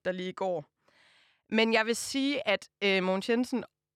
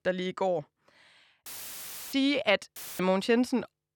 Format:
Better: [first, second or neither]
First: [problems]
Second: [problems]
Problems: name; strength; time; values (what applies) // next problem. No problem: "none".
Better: first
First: none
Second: audio cutting out; filled with static; at 1.5 s for 0.5 s and at 3 s